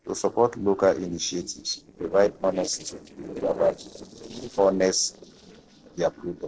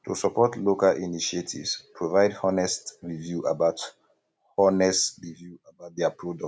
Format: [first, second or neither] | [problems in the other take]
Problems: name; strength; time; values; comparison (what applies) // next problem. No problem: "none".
second | noise reduction (neural separator model SepFormer DNS4)